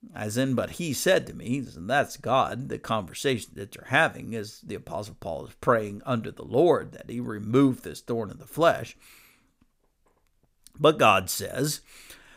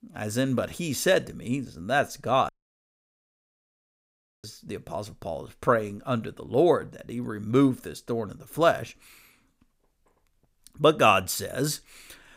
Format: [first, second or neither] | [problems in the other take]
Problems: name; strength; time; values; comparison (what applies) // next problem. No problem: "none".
first | audio cutting out; at 2.5 s for 2 s